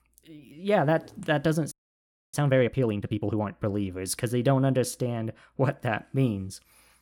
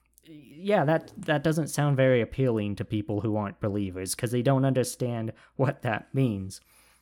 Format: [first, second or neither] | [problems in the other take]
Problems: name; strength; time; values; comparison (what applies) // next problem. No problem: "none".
second | audio freezing; at 1.5 s for 0.5 s